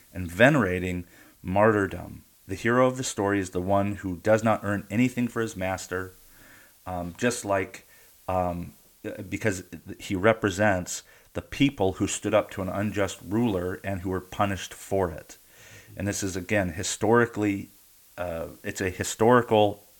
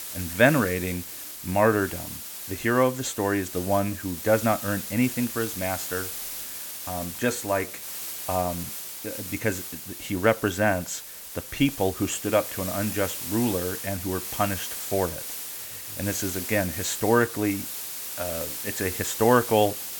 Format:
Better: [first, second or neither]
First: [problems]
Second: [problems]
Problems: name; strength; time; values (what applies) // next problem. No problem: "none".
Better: first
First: hiss; faint; throughout; 30 dB below the speech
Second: hiss; loud; throughout; 7 dB below the speech